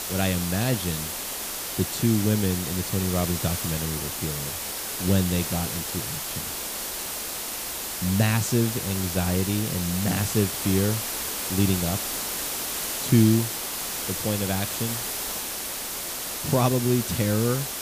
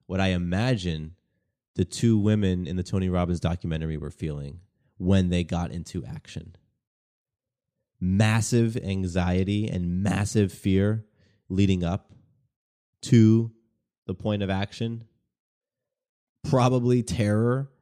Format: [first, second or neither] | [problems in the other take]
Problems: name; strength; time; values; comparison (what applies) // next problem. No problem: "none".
second | hiss; loud; throughout; 3 dB below the speech